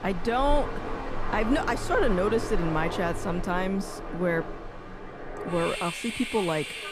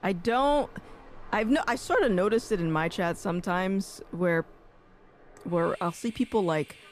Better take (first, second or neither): second